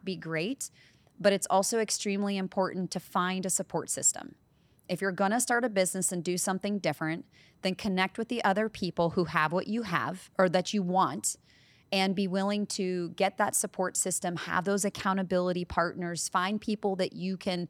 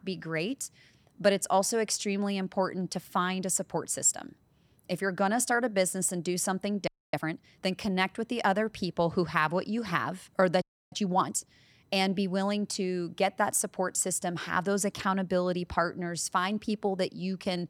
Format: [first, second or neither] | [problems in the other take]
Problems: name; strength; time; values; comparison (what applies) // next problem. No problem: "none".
first | audio freezing; at 7 s and at 11 s